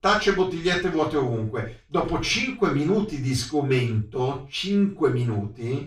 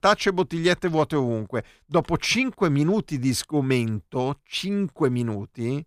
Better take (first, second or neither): second